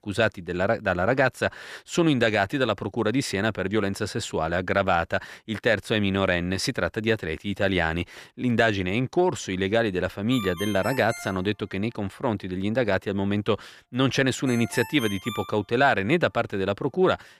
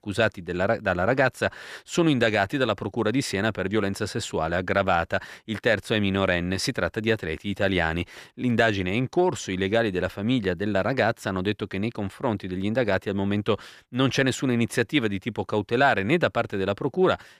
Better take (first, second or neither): second